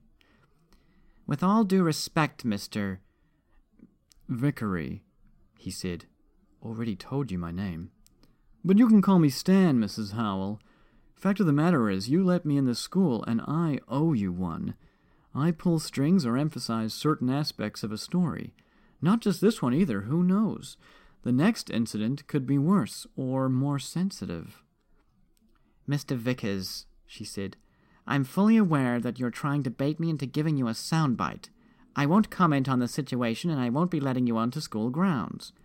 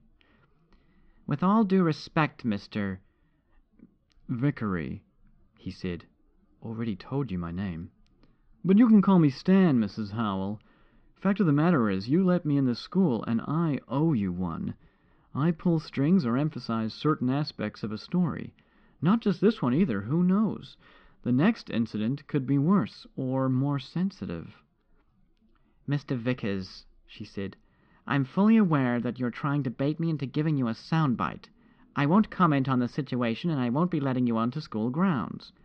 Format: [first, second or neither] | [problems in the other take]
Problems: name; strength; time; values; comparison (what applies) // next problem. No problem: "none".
first | muffled; very slightly; fading above 4 kHz